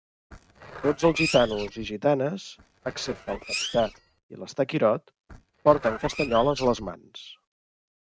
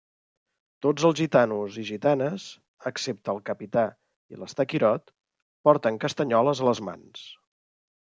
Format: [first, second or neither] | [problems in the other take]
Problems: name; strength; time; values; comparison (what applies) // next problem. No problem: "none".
second | noise reduction (neural mask model RNNoise)